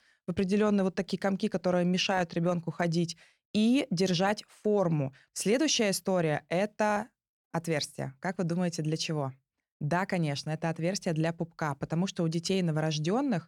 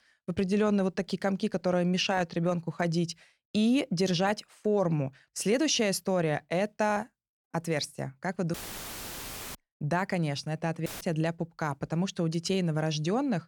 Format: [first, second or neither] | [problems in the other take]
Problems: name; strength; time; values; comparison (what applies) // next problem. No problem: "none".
first | audio cutting out; filled with static; at 8.5 s for 1 s and at 11 s